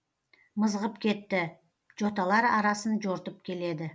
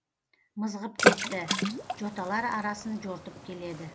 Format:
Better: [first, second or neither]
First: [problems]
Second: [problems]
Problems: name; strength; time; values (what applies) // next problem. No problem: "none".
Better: first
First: none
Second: background sound (Water / Splash, splatter); 5 dB above the speech